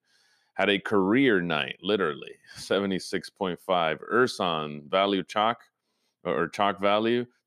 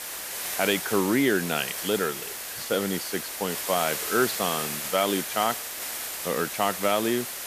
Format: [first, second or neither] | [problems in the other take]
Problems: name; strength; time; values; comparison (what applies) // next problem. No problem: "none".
first | hiss; loud; throughout; 4 dB below the speech